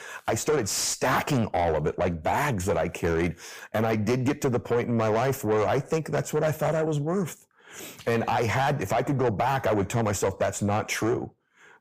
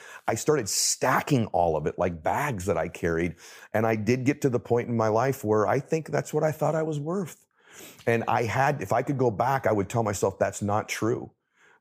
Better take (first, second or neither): second